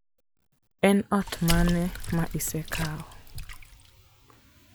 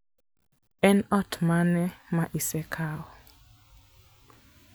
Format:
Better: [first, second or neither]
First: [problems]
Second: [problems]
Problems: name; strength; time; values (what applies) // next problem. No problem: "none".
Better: second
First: background sound (Water / Splash, splatter); 4 dB below the speech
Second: none